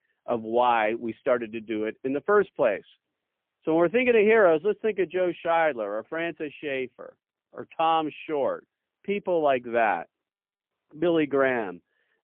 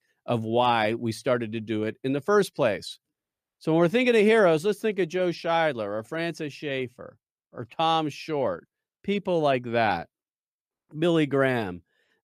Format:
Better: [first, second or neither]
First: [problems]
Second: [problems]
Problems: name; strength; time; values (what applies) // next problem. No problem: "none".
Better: second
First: phone-call audio; poor line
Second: none